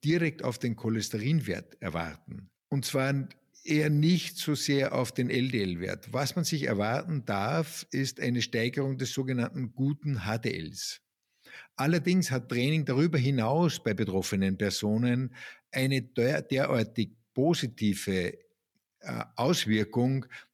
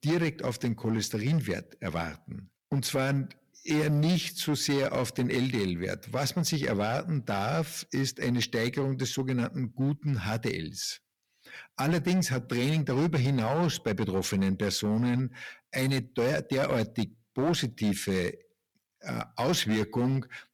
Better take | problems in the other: first | distortion; slight; 8% of the sound clipped

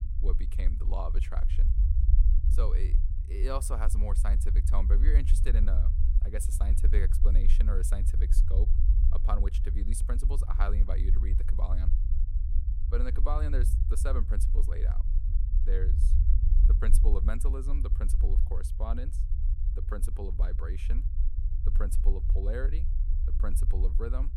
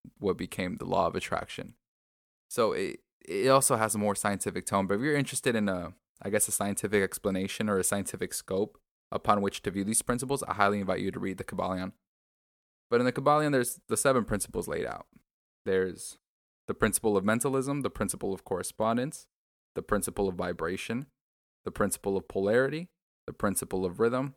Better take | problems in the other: second | low rumble; loud; throughout; 8 dB below the speech

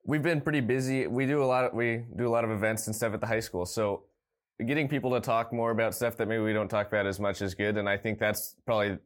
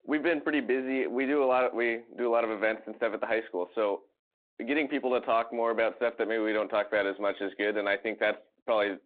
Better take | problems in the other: first | phone-call audio; nothing above 3.5 kHz

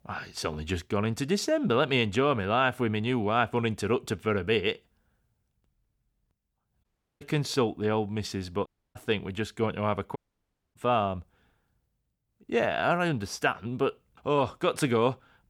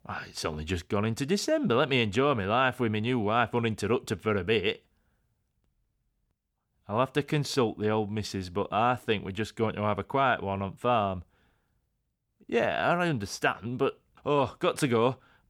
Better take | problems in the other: second | audio cutting out; at 7 s, at 8.5 s and at 10 s for 0.5 s

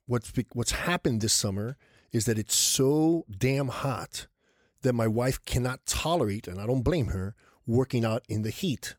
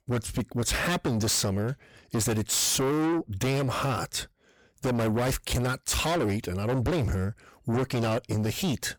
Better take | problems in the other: first | distortion; heavy; 6 dB below the speech

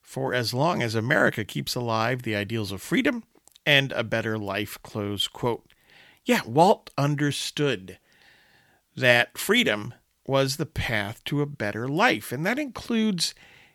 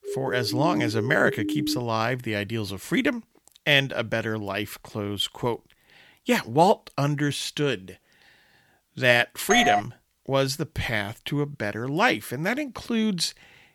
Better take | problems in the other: first | siren; noticeable; until 2 s; peak 3 dB below the speech // doorbell; loud; at 9.5 s; peak 3 dB above the speech

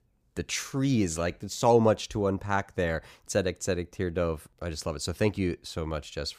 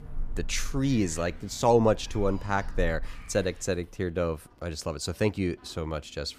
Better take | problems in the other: first | animal sounds; noticeable; throughout; 15 dB below the speech

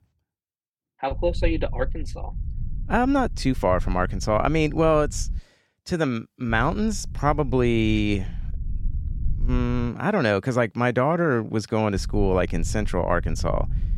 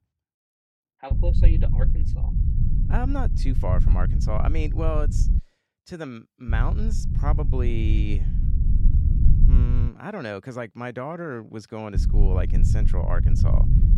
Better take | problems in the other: first | low rumble; loud; from 1 to 5.5 s, from 6.5 to 10 s and from 12 s on; 6 dB below the speech; faint in the first

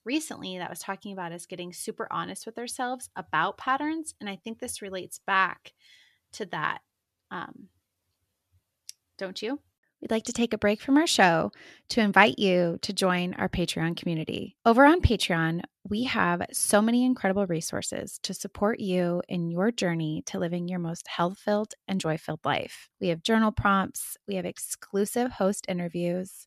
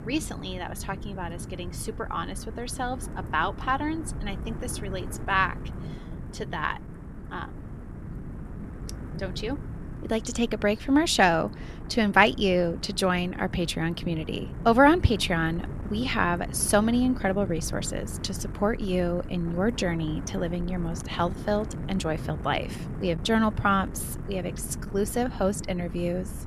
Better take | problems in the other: first | wind noise on the microphone; occasional gusts; 20 dB below the speech

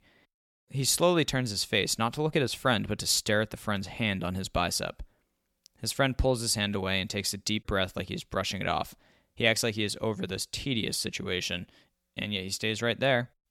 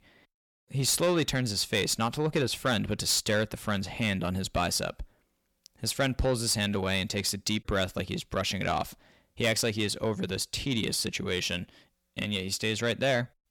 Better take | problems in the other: first | distortion; slight; 10 dB below the speech

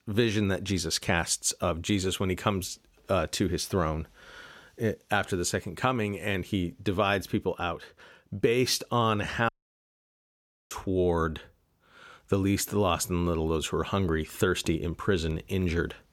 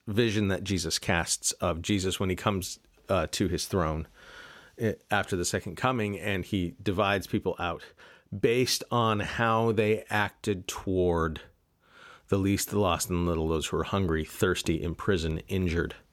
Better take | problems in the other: second | audio cutting out; at 9.5 s for 1 s

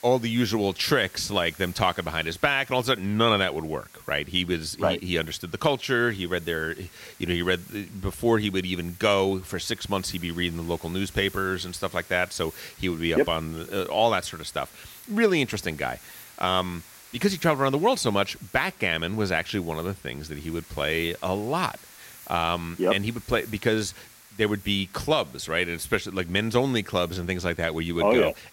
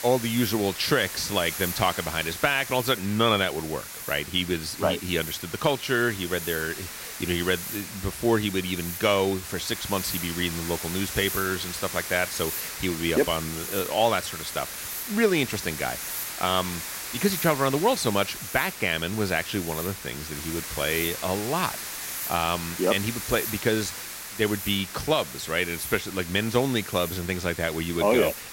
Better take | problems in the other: first | hiss; loud; throughout; 7 dB below the speech; faint in the first

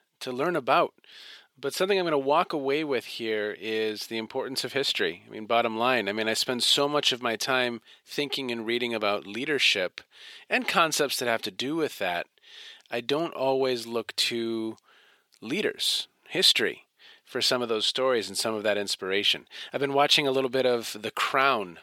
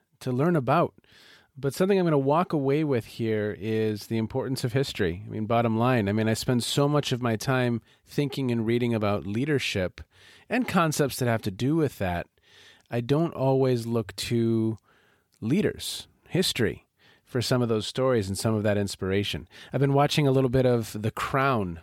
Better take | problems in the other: second | thin; somewhat; fading below 400 Hz

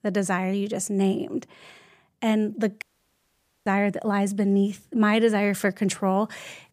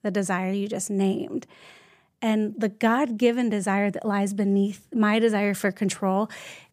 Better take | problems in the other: second | audio cutting out; at 3 s for 1 s

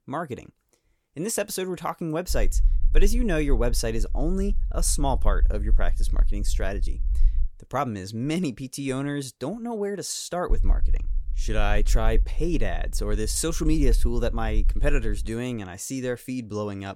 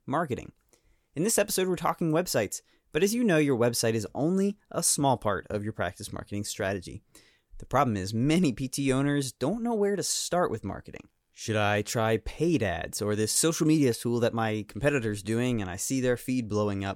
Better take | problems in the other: second | low rumble; faint; from 2.5 to 7.5 s and from 10 to 15 s; 25 dB below the speech

